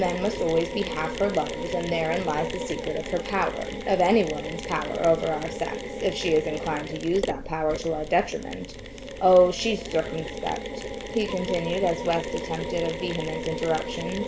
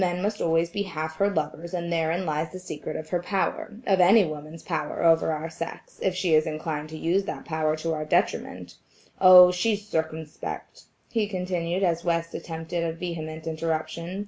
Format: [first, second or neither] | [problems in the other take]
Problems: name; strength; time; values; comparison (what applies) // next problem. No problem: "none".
second | background sound (Mechanisms); 7 dB below the speech